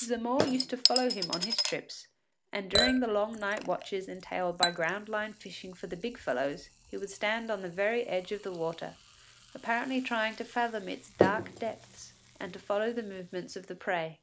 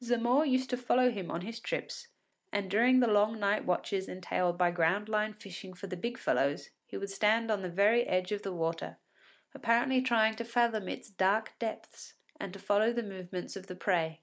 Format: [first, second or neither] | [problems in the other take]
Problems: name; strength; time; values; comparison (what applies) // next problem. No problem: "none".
second | background sound (Chink, clink / Liquid); 4 dB below the speech